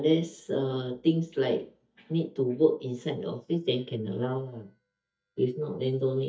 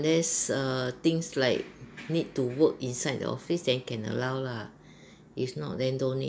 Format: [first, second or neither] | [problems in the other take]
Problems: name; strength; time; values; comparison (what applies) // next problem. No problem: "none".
second | noise reduction (neural mask model DeepFilterNet 3)